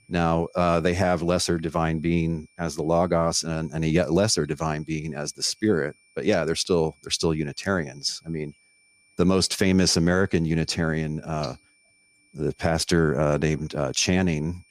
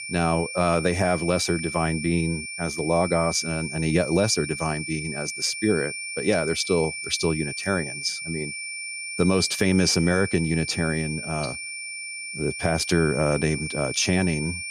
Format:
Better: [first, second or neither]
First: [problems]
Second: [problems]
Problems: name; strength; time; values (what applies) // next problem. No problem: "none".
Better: first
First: high-pitched whine; faint; throughout; 2.5 kHz, 35 dB below the speech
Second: high-pitched whine; loud; throughout; 2.5 kHz, 7 dB below the speech